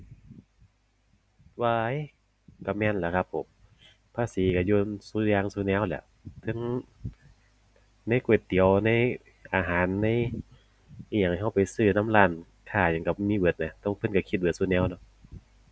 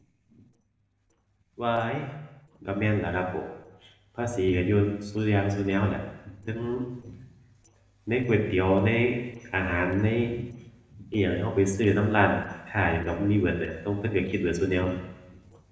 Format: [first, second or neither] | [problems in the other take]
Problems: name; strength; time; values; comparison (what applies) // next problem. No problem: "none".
first | noise reduction (neural separator model SepFormer DNS4)